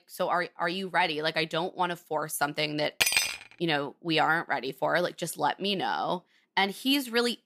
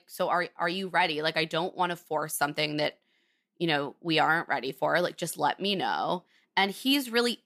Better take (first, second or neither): second